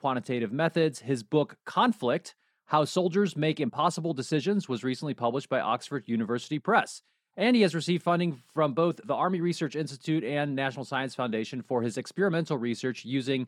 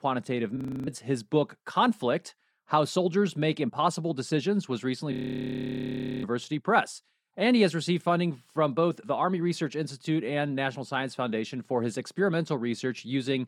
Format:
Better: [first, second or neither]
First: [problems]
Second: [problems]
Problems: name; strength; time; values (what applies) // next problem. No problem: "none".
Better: first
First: none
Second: audio freezing; at 0.5 s and at 5 s for 1 s